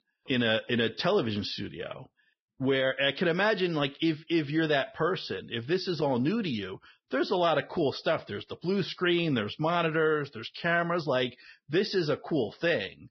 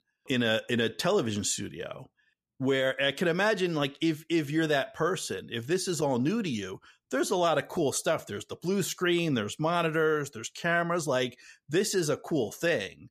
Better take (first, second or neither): second